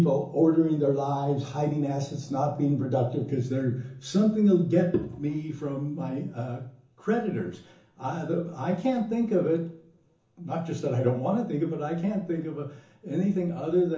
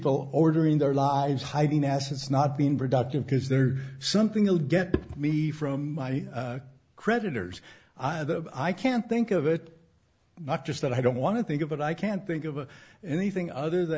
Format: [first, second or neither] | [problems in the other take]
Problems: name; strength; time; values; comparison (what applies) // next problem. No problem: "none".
second | room echo; dies away in 0.7 s